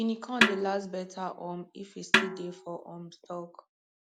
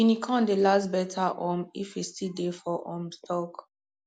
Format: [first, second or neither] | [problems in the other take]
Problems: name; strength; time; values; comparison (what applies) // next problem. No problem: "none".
second | background sound (Snare drum); 4 dB above the speech